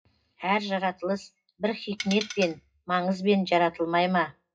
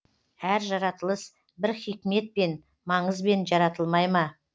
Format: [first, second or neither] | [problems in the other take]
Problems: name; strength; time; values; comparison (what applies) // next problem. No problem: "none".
second | noise reduction (classical method WPE with log-MMSE)